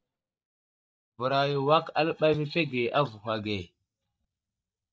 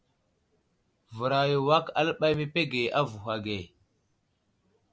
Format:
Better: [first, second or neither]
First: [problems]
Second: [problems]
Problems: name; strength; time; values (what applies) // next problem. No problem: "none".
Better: second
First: noise reduction (neural mask model DeepFilterNet 3)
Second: none